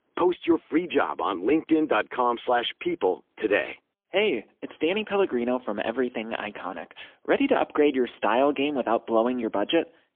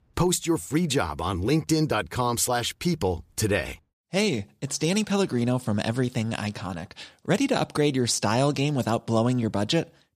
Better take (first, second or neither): second